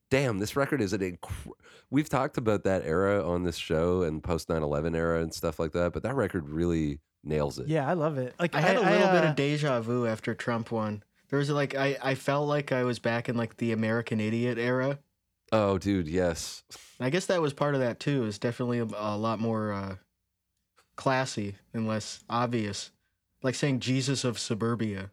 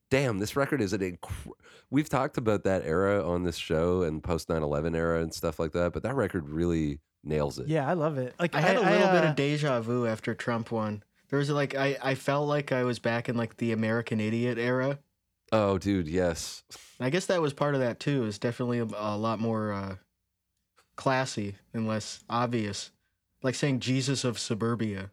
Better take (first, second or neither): neither